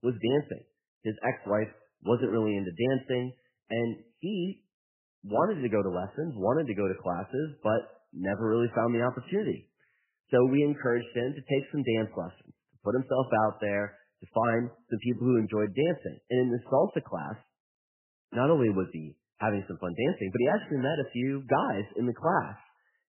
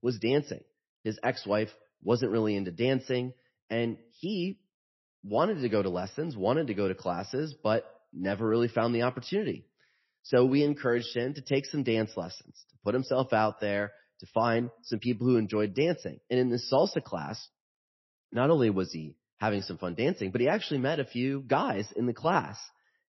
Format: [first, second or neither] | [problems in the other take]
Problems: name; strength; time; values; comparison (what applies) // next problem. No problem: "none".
second | garbled, watery; badly; nothing above 3 kHz; slightly in the second